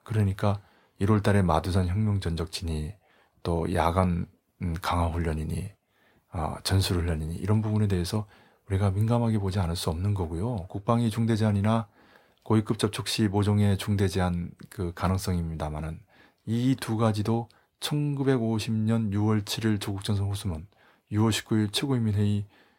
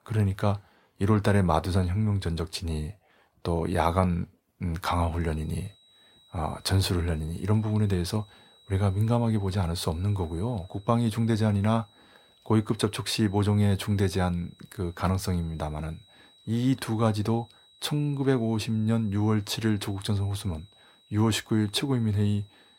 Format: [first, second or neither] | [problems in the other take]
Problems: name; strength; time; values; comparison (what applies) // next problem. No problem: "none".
first | high-pitched whine; faint; from 5 s on; 4 kHz, 30 dB below the speech